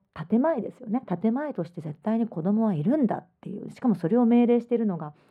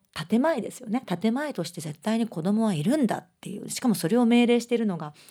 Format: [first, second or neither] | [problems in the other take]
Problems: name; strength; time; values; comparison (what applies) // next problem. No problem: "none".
second | muffled; very; fading above 2.5 kHz